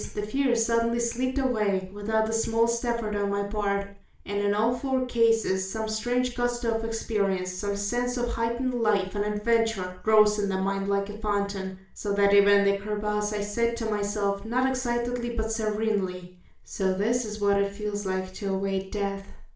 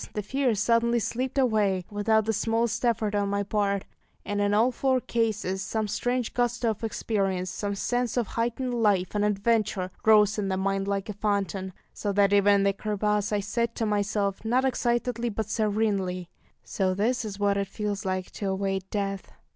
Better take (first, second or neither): second